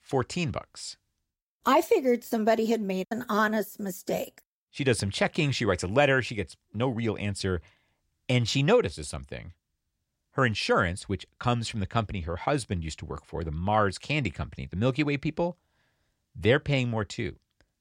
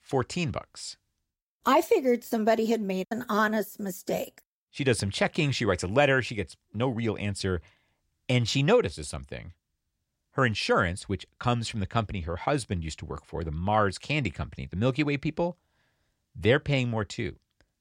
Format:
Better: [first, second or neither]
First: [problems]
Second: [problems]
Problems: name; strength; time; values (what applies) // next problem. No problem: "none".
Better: neither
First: none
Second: none